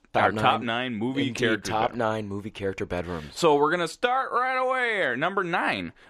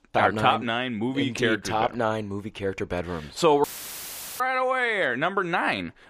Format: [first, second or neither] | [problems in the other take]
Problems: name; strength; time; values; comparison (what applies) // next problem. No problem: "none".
first | audio cutting out; filled with static; at 3.5 s for 1 s